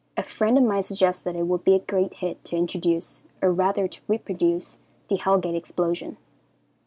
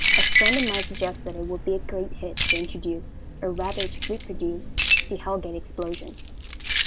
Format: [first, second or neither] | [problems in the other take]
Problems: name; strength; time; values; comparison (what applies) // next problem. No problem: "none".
first | background sound (Keys jangling); 4 dB above the speech